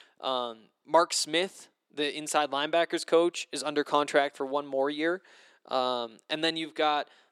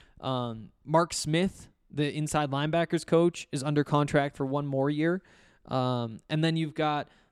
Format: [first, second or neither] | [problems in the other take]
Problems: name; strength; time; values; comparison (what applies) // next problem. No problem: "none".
second | thin; somewhat; fading below 400 Hz